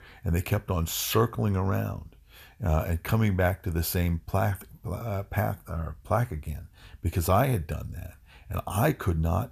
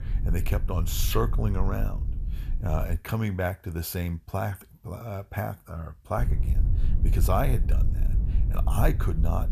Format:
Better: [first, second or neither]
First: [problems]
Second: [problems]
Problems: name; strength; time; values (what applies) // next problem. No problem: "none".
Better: first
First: none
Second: wind noise on the microphone; occasional gusts; until 3 s and from 6 s on; 15 dB below the speech